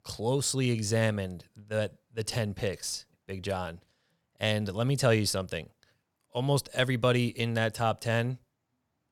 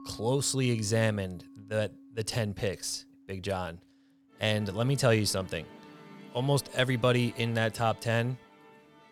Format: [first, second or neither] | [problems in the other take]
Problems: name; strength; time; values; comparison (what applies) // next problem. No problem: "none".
first | background music; faint; throughout; 20 dB below the speech